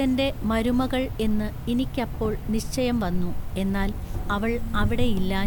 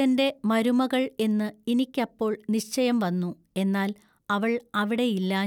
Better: second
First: background sound (Cricket); 1 dB below the speech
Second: none

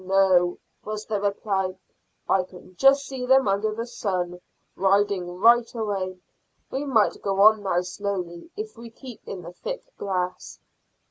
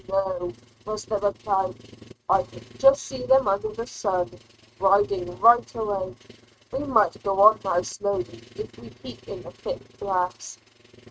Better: first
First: none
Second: noise reduction (neural mask model RNNoise)

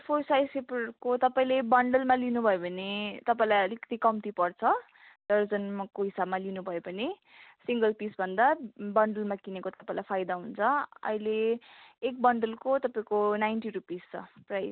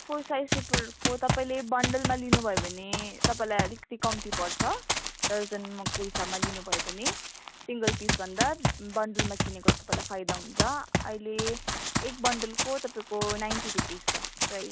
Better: first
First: none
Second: background sound (Run); 2 dB above the speech

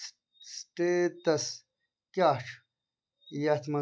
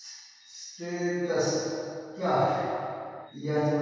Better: first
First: none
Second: room echo; dies away in 2.1 s

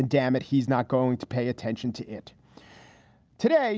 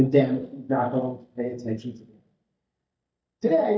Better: first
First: none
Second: noise reduction (neural mask model DeepFilterNet 3)

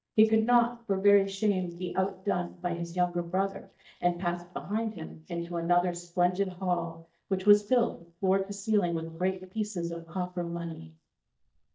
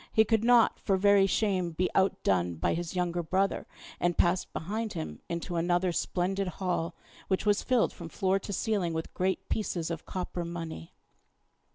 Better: second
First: noise reduction (neural mask model DeepFilterNet 3)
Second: none

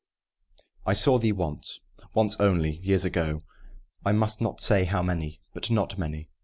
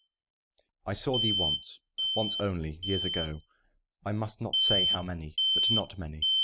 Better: first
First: none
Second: noise reduction (neural mask model RNNoise)

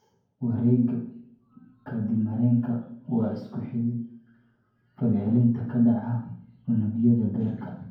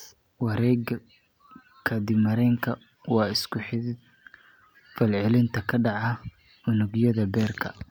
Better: second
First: room echo; dies away in 0.9 s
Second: none

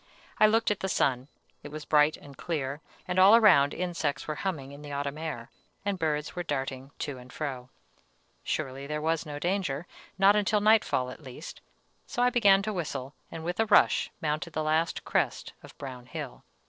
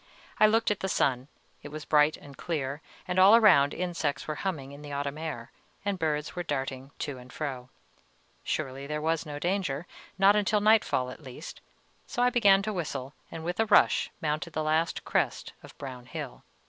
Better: second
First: noise reduction (neural separator model SepFormer DNS4)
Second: none

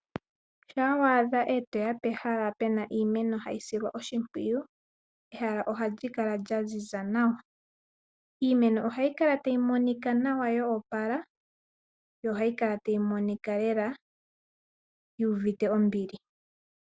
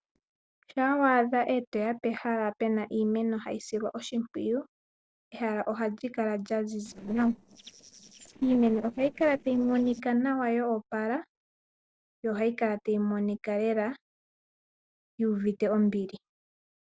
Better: first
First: none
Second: noise reduction (neural separator model SepFormer DNS4)

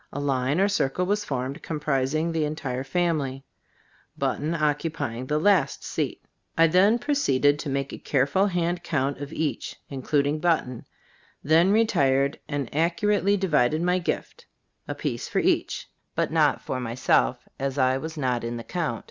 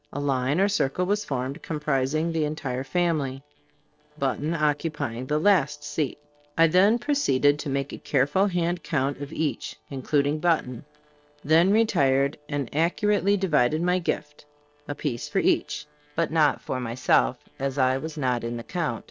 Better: first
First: none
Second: noise reduction (neural separator model SepFormer DNS4)

